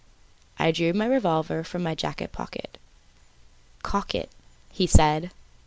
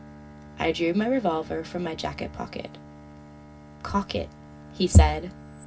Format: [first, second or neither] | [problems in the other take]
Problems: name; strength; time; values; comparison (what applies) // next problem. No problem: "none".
first | background sound (Bowed string instrument); 18 dB below the speech // room echo; dies away in 0.4 s